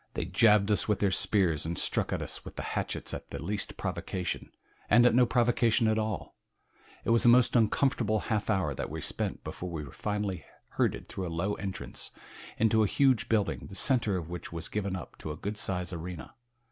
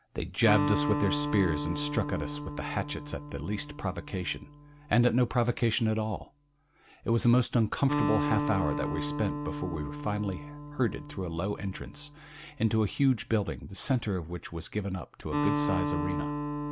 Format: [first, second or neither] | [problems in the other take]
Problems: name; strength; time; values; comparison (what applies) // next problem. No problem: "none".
first | background sound (Acoustic guitar); 5 dB below the speech